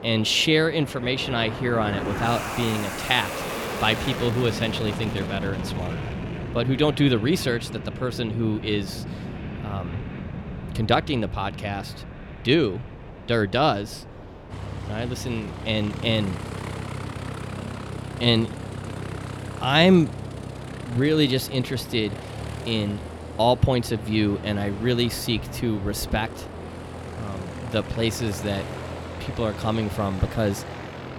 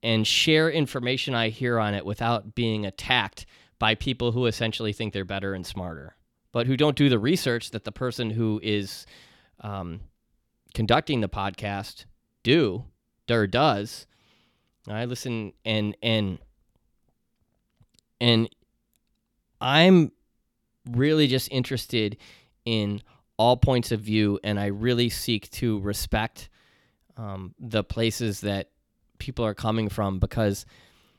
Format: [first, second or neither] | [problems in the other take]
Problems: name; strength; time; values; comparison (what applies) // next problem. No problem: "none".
second | train or aircraft noise; loud; throughout; 9 dB below the speech